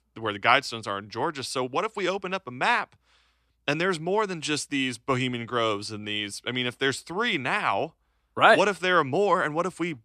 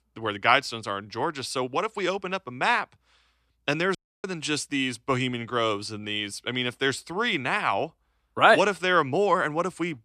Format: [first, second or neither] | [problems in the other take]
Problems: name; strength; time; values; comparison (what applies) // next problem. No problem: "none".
first | audio cutting out; at 4 s